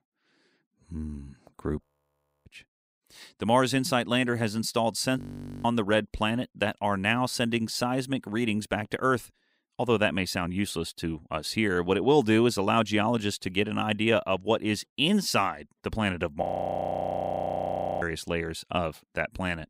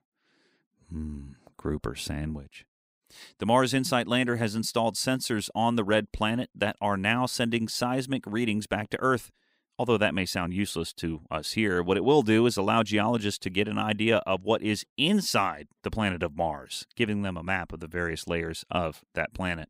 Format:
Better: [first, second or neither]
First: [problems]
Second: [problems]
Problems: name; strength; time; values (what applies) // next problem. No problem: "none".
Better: second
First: audio freezing; at 2 s for 0.5 s, at 5 s and at 16 s for 1.5 s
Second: none